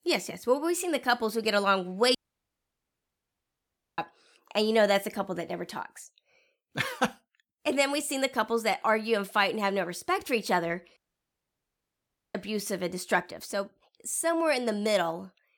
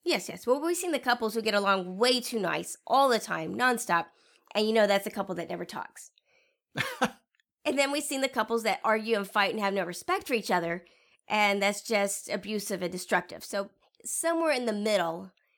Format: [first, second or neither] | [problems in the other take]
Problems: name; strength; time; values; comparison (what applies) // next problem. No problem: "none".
second | audio cutting out; at 2 s for 2 s and at 11 s for 1.5 s